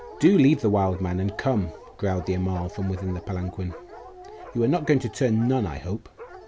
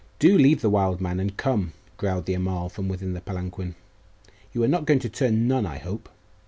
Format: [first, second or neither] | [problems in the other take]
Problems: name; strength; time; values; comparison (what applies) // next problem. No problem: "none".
second | background sound (Dog); 18 dB below the speech